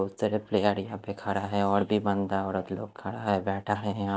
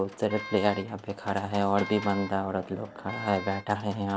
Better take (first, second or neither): first